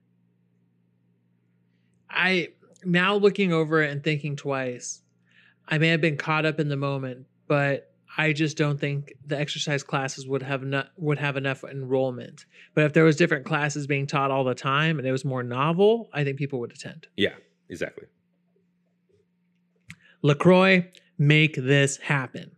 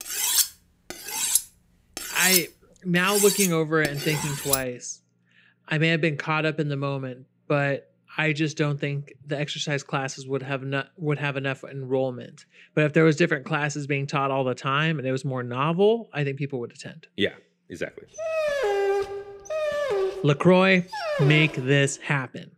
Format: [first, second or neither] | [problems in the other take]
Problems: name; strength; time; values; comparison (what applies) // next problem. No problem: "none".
first | clattering dishes; loud; until 4.5 s; peak 4 dB above the speech // dog barking; loud; from 18 to 22 s; peak 1 dB above the speech